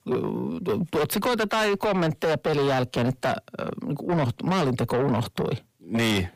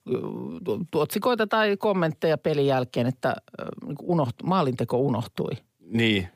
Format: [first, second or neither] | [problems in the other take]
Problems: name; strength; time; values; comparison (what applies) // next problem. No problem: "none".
second | distortion; heavy; 7 dB below the speech